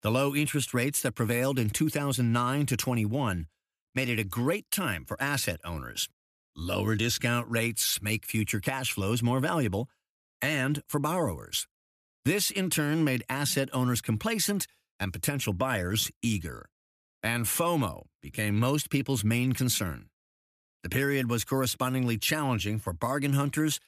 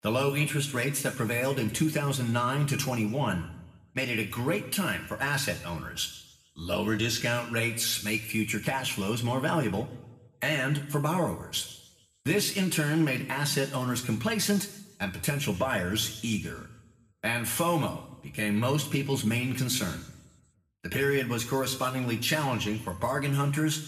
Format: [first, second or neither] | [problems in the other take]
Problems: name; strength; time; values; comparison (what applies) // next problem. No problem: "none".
first | room echo; slight; dies away in 0.9 s // off-mic speech; somewhat distant